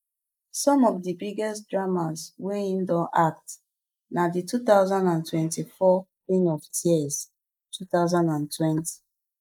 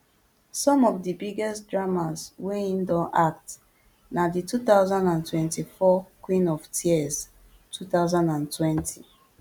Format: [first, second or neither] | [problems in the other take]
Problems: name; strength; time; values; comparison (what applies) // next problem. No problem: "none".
second | noise reduction (neural mask model Resemble Enhance denoiser)